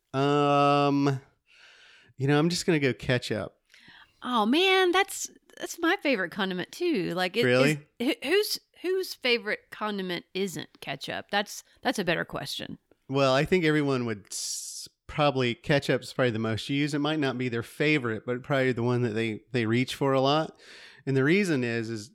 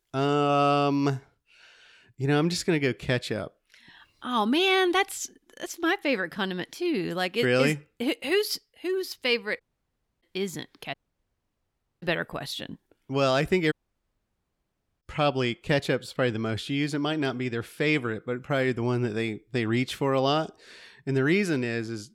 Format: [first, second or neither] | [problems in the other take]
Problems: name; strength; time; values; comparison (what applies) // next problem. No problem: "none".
first | audio cutting out; at 9.5 s for 0.5 s, at 11 s for 1 s and at 14 s for 1.5 s